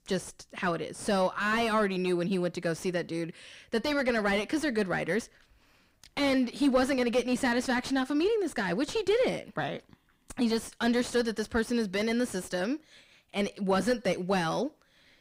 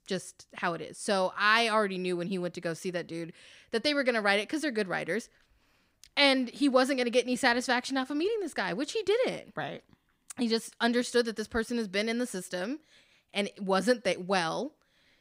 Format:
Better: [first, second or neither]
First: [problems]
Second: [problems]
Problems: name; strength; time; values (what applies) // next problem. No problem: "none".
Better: second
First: distortion; heavy; 6 dB below the speech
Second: none